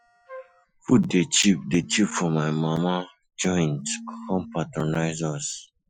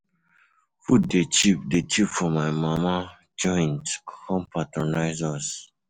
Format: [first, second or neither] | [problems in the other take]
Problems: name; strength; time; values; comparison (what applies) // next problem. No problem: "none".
second | noise reduction (classical method Wiener filter)